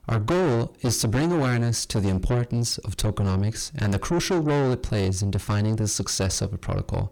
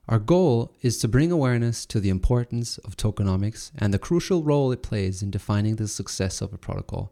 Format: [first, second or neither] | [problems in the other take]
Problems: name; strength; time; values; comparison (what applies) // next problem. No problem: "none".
second | distortion; heavy; 6 dB below the speech